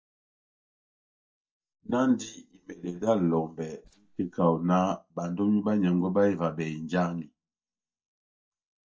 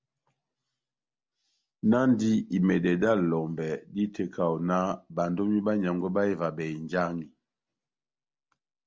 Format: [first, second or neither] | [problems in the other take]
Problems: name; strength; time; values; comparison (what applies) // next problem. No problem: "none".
second | noise reduction (neural mask model DeepFilterNet 3)